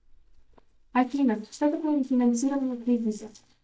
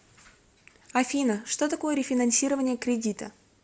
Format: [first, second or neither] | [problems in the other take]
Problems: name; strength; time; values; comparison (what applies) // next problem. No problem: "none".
second | noise reduction (neural mask model DeepFilterNet 3)